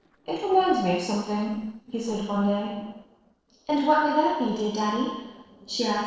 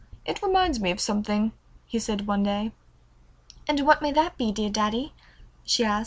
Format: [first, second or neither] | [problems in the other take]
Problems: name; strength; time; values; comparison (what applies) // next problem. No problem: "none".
second | noise reduction (neural separator model SepFormer DNS4)